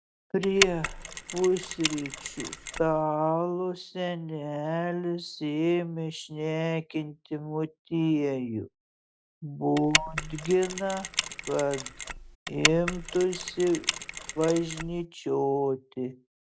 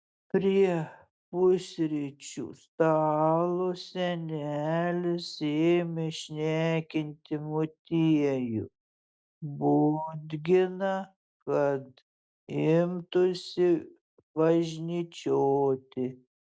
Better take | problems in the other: second | background sound (Mechanisms); 4 dB below the speech

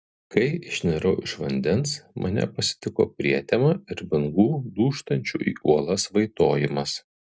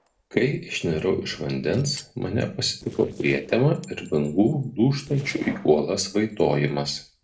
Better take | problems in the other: first | noise reduction (neural separator model SepFormer DNS4)

